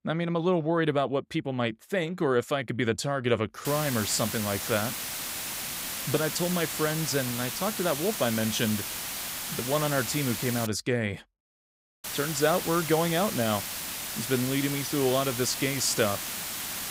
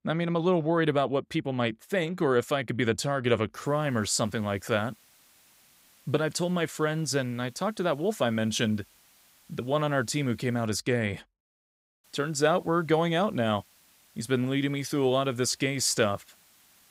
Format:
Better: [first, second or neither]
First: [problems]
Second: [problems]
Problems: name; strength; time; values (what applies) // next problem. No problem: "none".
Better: second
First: hiss; loud; from 3.5 to 11 s and from 12 s on; 4 dB below the speech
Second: hiss; faint; from 3.5 to 11 s and from 12 s on; 30 dB below the speech